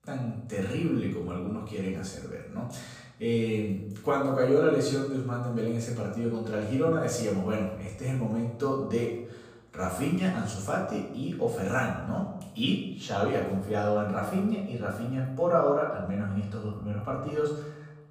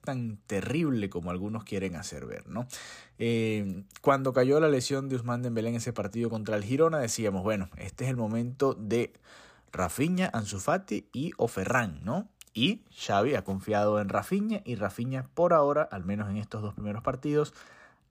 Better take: second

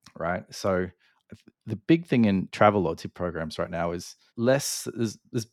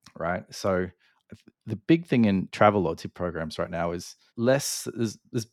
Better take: neither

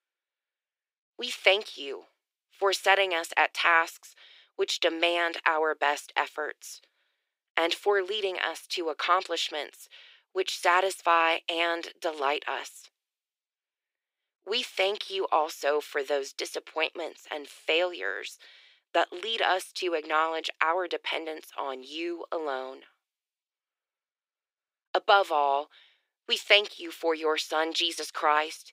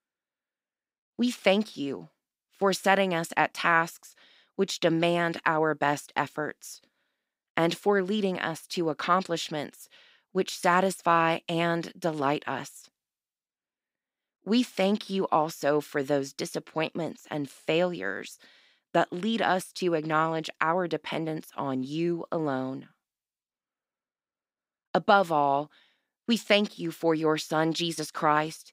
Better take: second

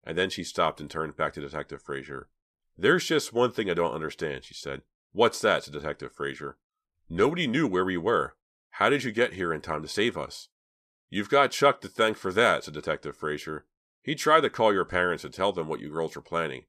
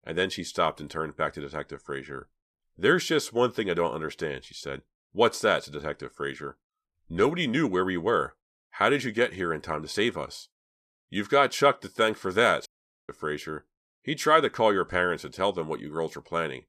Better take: first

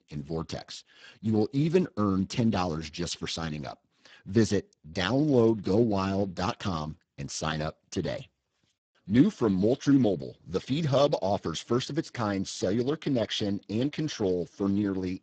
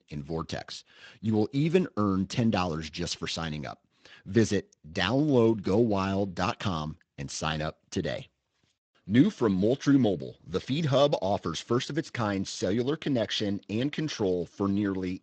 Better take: second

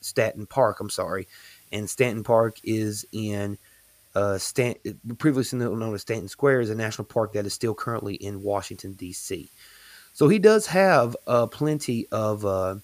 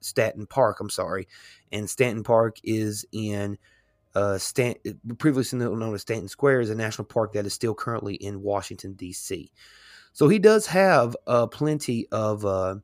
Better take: second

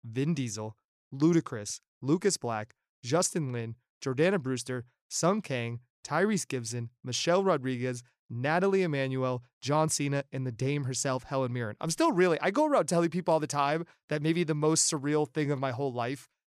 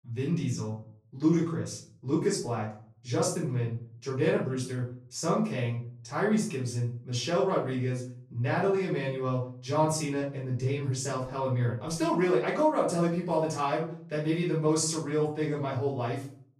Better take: first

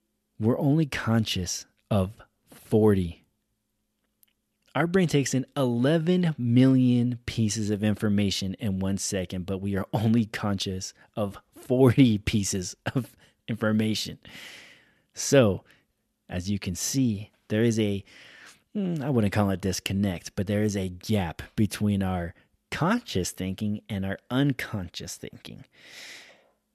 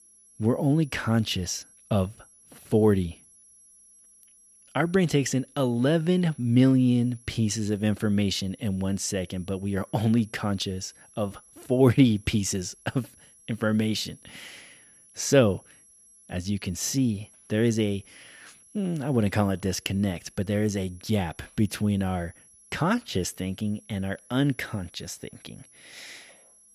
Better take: first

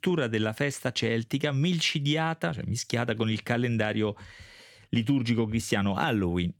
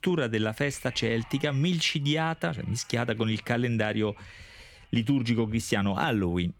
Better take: first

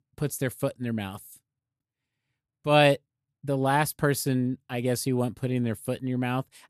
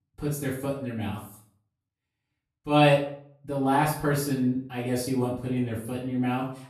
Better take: first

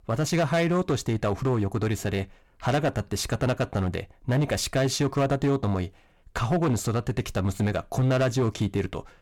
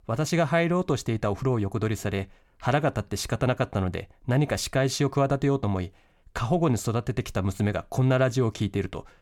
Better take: second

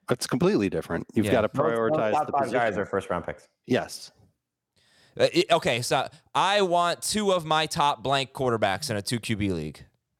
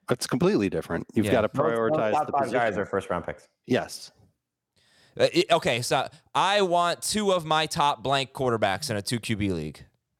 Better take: neither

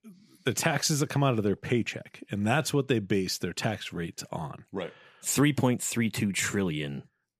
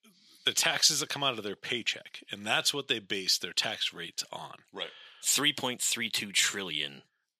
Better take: first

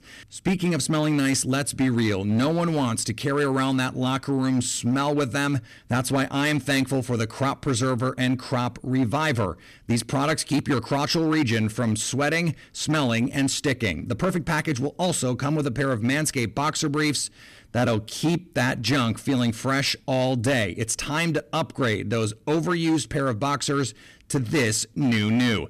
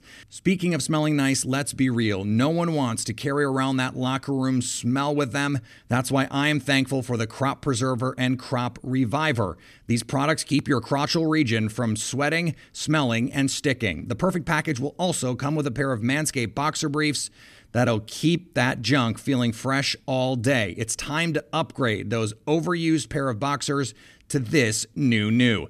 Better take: second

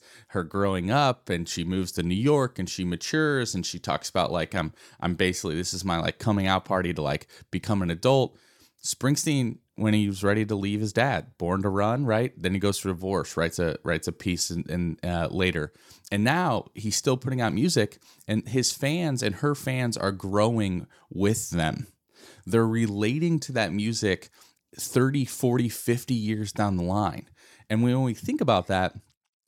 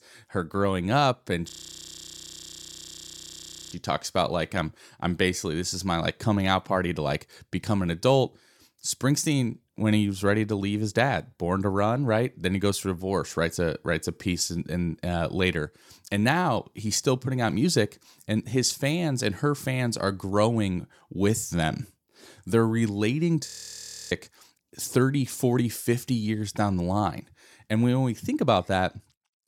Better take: first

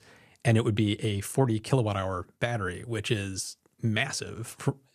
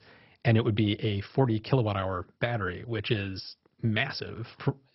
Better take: first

